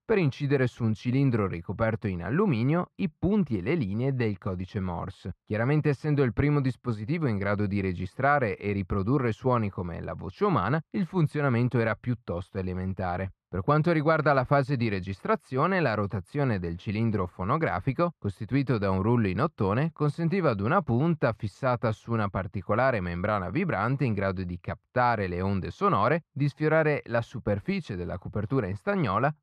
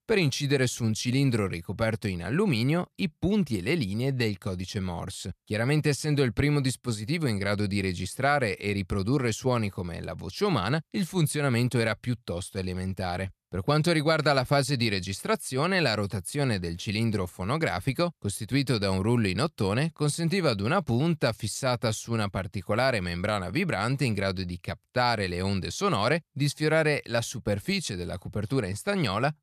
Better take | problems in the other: second | muffled; very; fading above 4 kHz

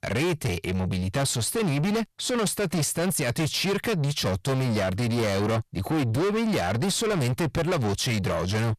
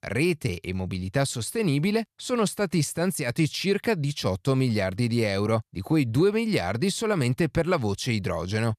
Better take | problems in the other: second | distortion; heavy; 6 dB below the speech

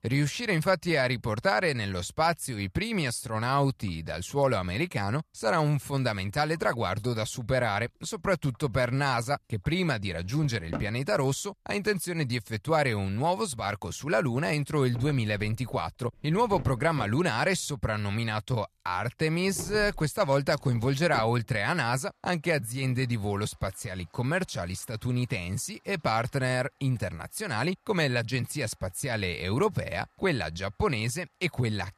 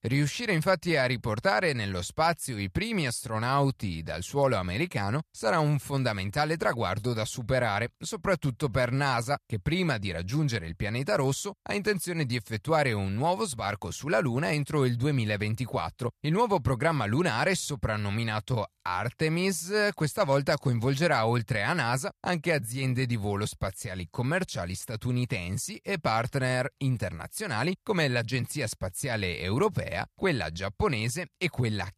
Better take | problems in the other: second | household noises; noticeable; throughout; 15 dB below the speech

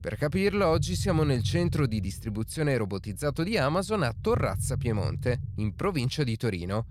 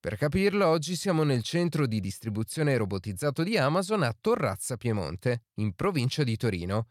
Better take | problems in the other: second | low rumble; noticeable; throughout; 15 dB below the speech

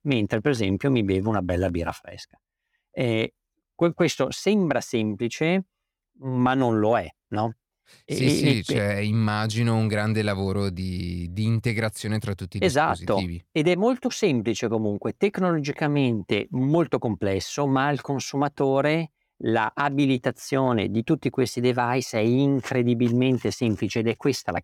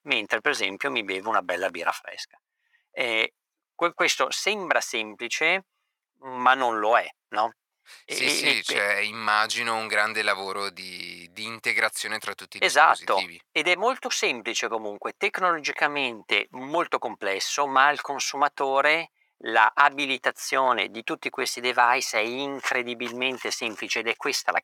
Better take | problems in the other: first | thin; very; fading below 800 Hz

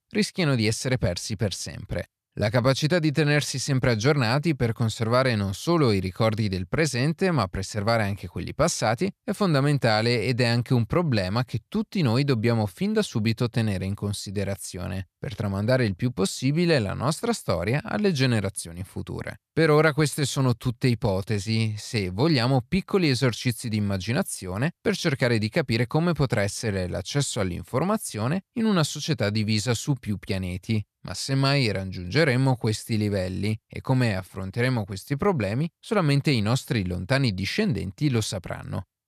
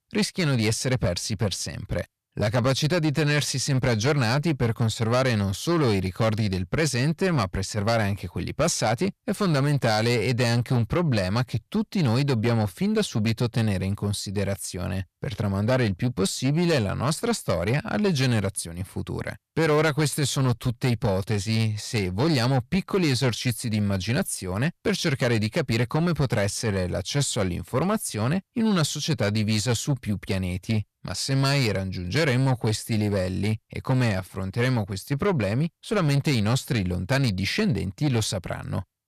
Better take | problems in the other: first | distortion; slight; 10 dB below the speech

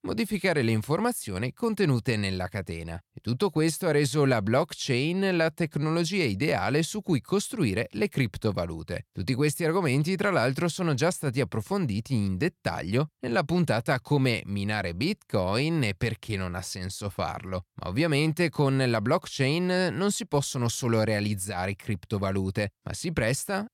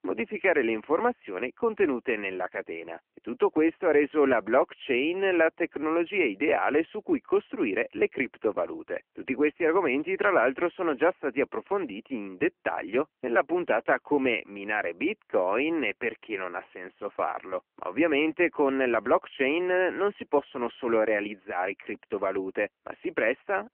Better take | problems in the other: first | phone-call audio; nothing above 3 kHz

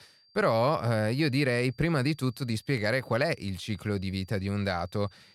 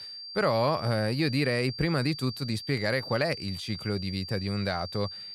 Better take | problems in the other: first | high-pitched whine; loud; throughout; 4.5 kHz, 9 dB below the speech; faint in the first

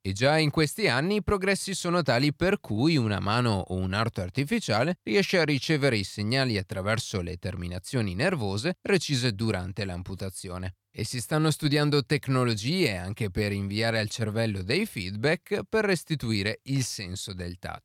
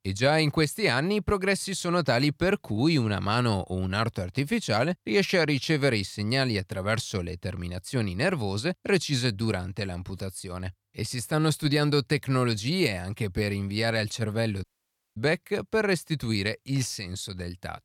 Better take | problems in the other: first | audio cutting out; at 15 s for 0.5 s

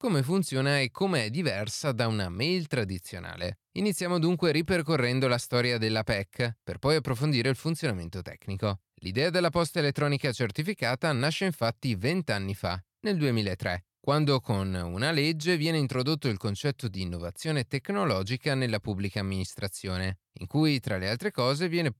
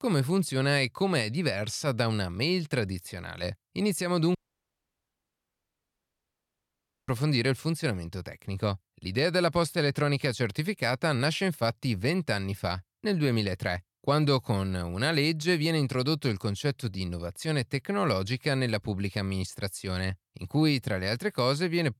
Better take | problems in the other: first | audio cutting out; at 4.5 s for 2.5 s

